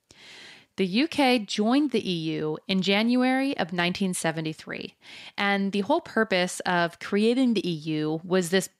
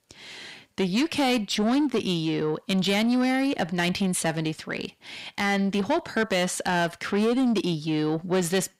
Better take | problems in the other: first | distortion; slight; 10 dB below the speech

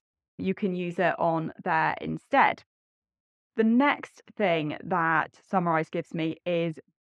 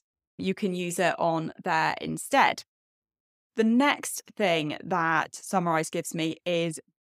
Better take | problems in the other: second | muffled; very; fading above 2 kHz

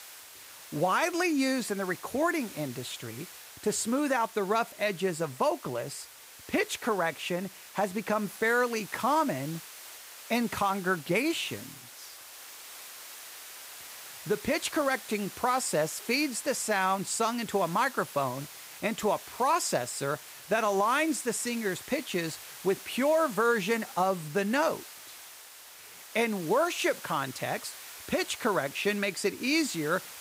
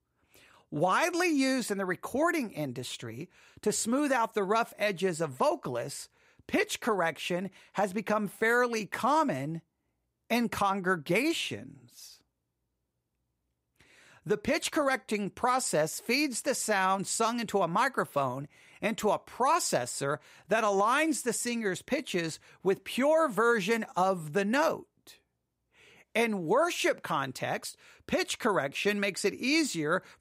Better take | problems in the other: second | hiss; noticeable; throughout; 15 dB below the speech

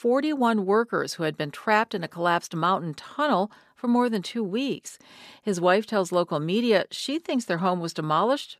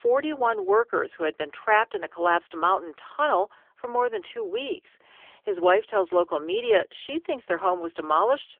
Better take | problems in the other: first | phone-call audio; poor line; nothing above 3.5 kHz

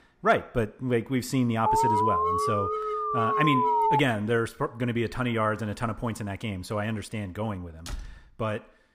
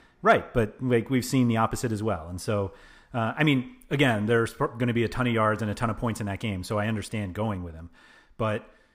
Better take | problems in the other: second | alarm; loud; from 1.5 to 4 s; peak 6 dB above the speech // door banging; faint; at 8 s; peak 10 dB below the speech

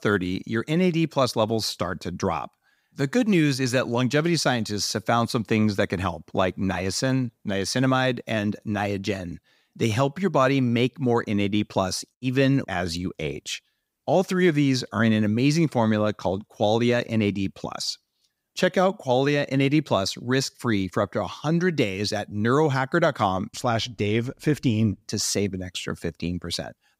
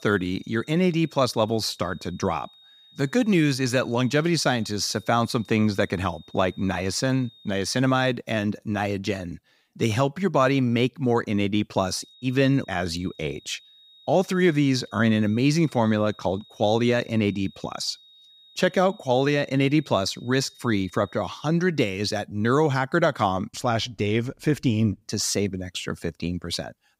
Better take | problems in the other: first | high-pitched whine; faint; until 7.5 s and from 12 to 21 s; 4 kHz, 25 dB below the speech

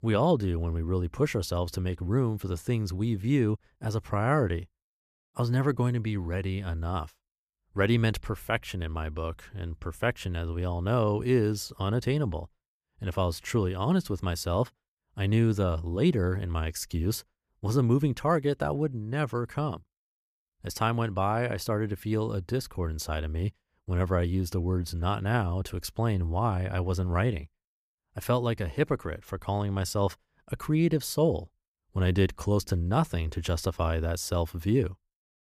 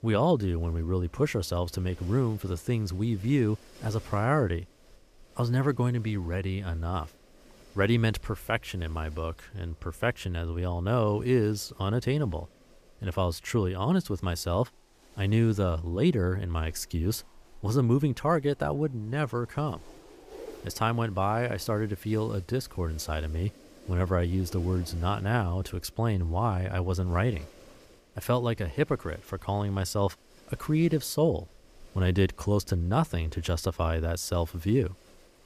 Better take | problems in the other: first | wind noise on the microphone; occasional gusts; 25 dB below the speech

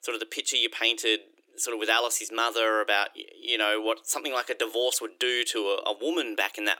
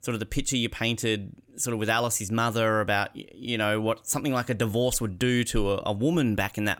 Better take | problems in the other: second | thin; very; fading below 300 Hz

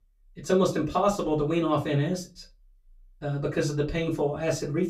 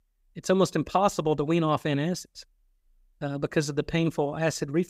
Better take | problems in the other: second | off-mic speech; far // room echo; very slight; dies away in 0.2 s

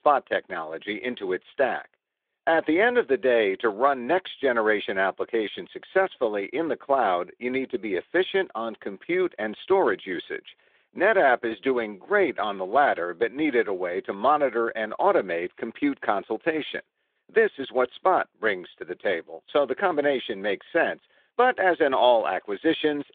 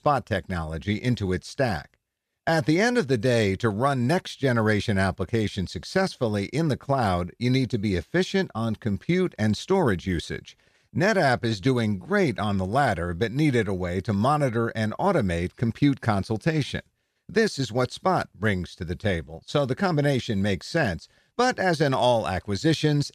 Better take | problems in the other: second | phone-call audio; nothing above 3.5 kHz

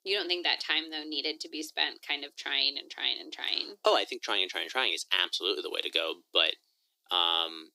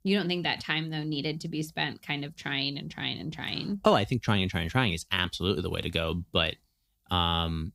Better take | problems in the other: second | thin; very; fading below 300 Hz

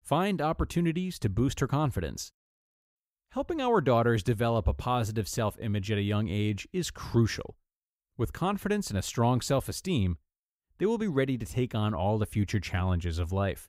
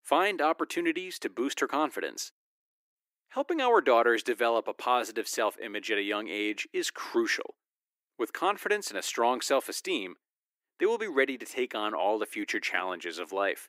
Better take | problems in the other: first | thin; very; fading below 300 Hz

